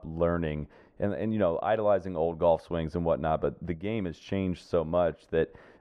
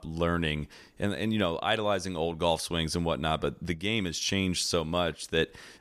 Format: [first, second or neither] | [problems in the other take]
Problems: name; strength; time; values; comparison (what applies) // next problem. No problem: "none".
second | muffled; very; fading above 3 kHz